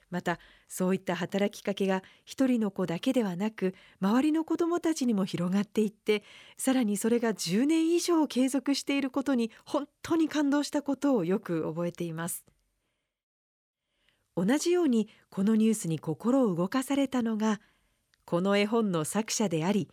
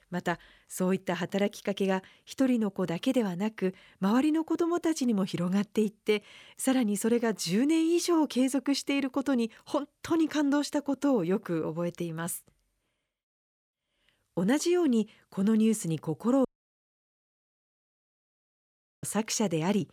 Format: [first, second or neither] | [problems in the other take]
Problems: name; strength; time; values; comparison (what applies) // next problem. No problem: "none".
first | audio cutting out; at 16 s for 2.5 s